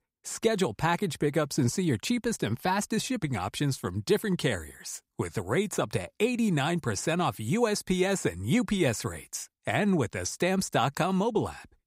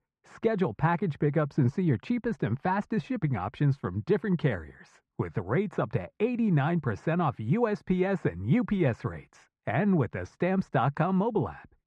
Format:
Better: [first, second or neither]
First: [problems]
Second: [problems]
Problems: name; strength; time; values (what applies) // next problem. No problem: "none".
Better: first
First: none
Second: muffled; very; fading above 1.5 kHz